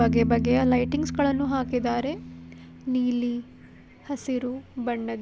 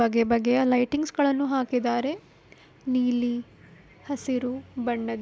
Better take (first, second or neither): second